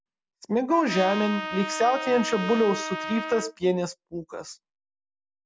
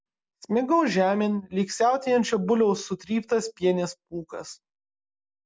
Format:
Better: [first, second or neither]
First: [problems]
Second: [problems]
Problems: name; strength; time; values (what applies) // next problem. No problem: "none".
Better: second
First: background sound (Trumpet); 7 dB below the speech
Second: none